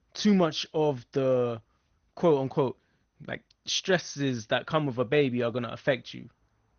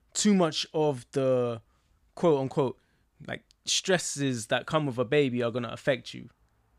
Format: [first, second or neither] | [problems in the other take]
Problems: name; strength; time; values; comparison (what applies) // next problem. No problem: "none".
second | garbled, watery; slightly; nothing above 6.5 kHz